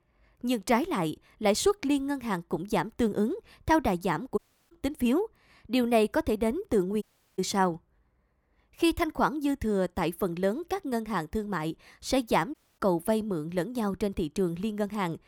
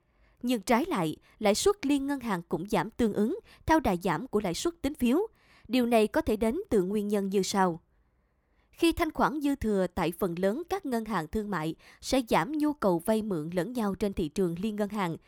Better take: second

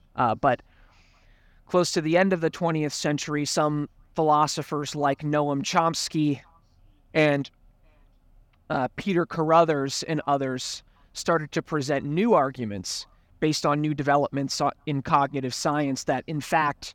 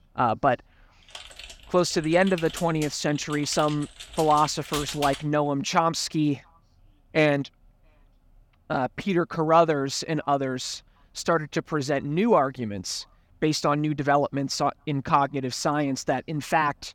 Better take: first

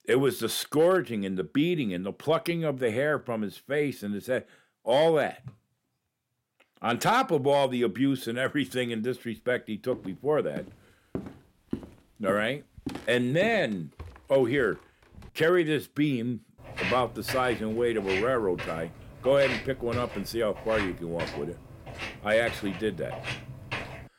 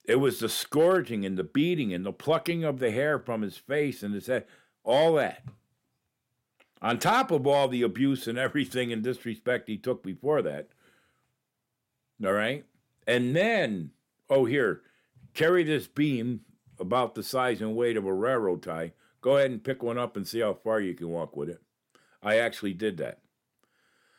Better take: second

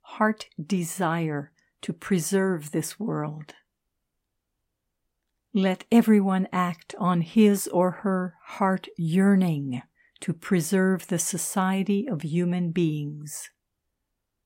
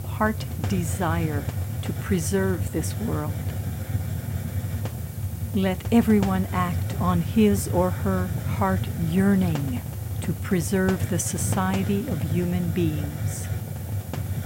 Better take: first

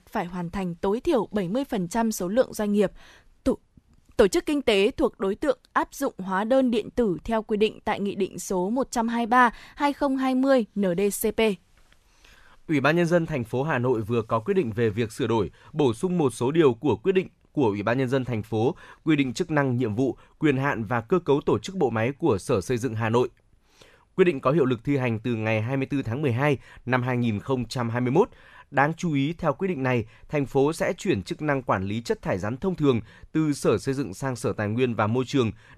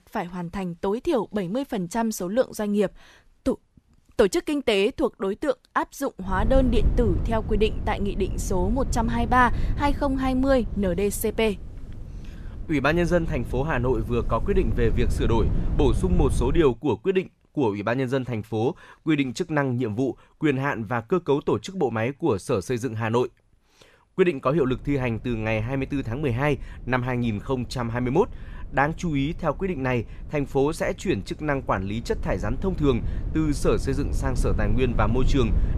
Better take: first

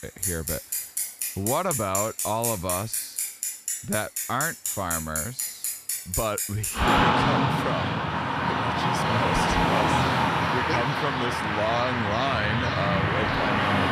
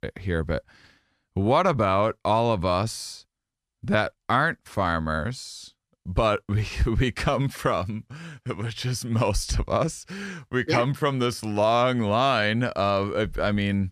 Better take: second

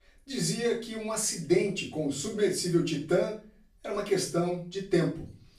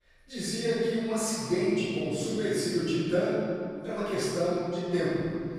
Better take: first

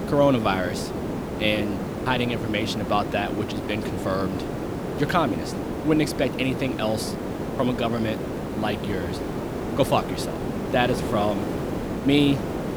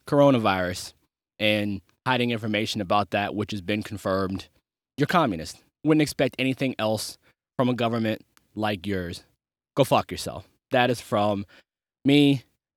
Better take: second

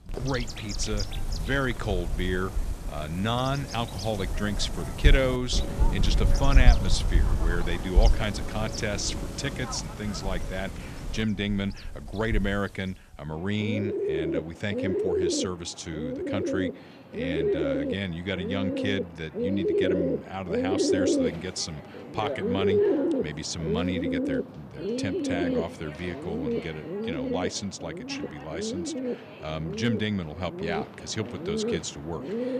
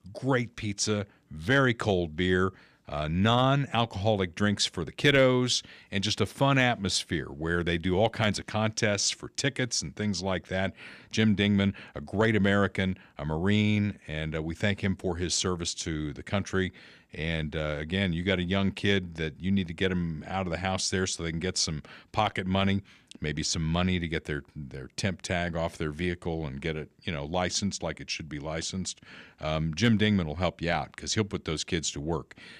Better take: second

